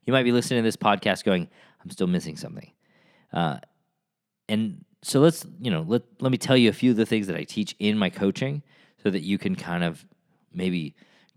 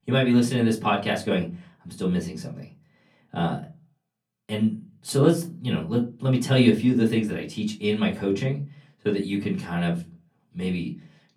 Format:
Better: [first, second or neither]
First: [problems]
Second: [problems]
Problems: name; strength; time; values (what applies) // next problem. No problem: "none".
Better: first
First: none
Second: off-mic speech; far // room echo; very slight; dies away in 0.3 s